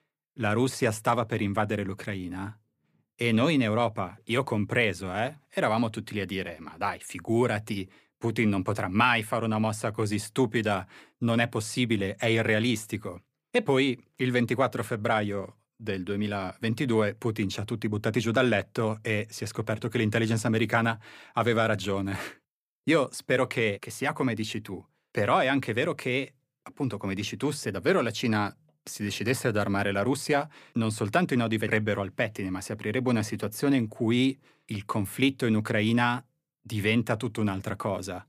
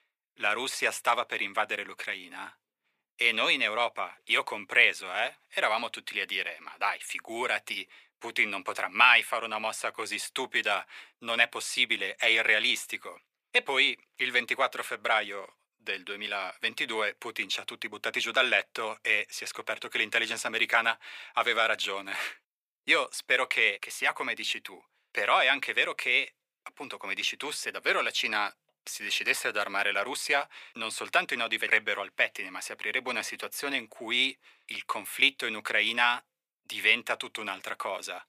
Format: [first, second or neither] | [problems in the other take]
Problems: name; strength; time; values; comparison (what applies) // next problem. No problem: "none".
first | thin; very; fading below 700 Hz